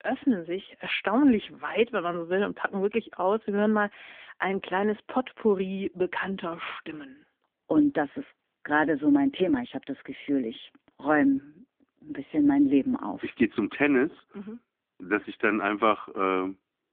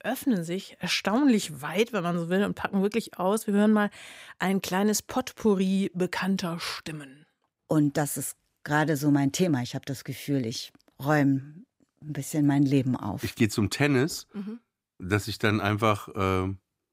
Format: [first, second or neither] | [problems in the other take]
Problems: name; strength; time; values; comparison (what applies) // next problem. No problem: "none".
second | phone-call audio